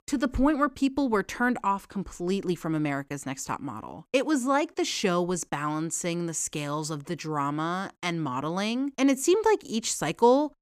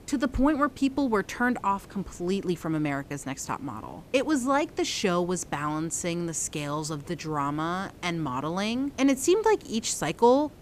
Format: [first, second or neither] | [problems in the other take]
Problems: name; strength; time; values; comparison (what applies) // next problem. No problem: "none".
first | hiss; faint; throughout; 25 dB below the speech